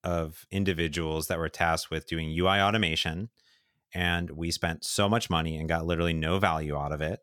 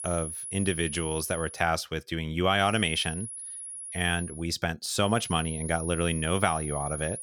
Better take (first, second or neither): first